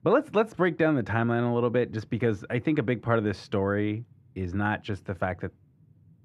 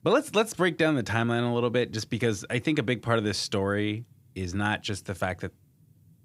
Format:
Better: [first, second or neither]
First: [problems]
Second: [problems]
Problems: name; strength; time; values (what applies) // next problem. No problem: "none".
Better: second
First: muffled; very; fading above 3 kHz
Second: none